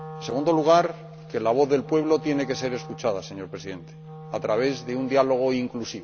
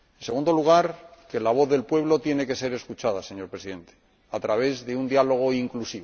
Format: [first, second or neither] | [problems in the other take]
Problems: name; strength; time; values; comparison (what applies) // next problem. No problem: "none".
second | background sound (Wind instrument, woodwind instrument); 15 dB below the speech